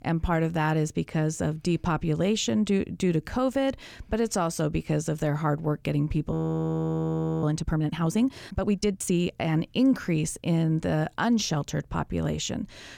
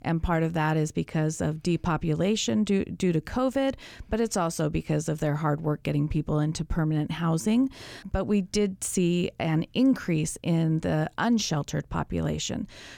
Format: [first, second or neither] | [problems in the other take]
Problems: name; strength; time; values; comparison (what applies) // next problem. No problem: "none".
second | audio freezing; at 6.5 s for 1 s